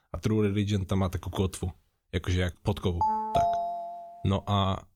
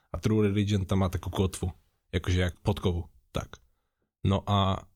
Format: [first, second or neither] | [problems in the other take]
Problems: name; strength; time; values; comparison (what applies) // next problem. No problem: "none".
second | phone ringing; loud; at 3 s; peak 3 dB above the speech